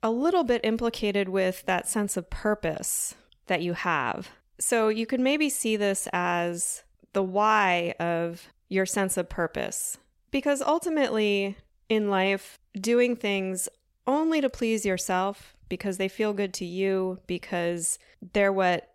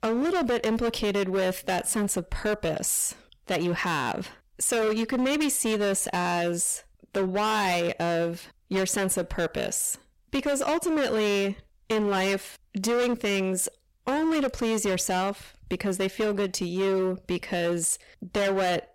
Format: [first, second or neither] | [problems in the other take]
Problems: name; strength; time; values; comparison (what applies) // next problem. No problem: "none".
first | distortion; heavy; 21% of the sound clipped